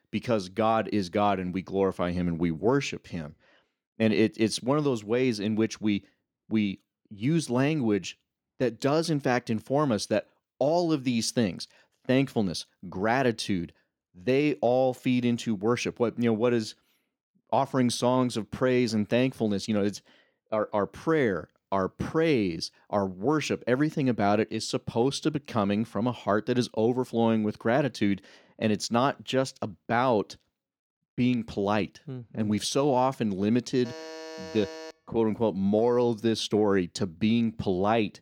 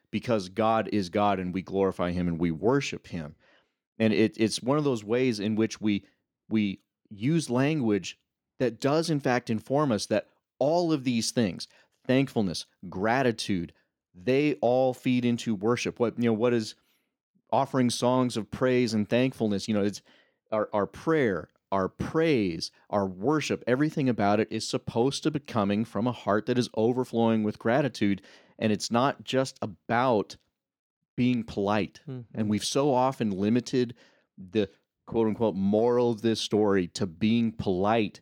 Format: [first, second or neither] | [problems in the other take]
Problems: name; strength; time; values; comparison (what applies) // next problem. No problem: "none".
second | alarm; faint; from 34 to 35 s; peak 15 dB below the speech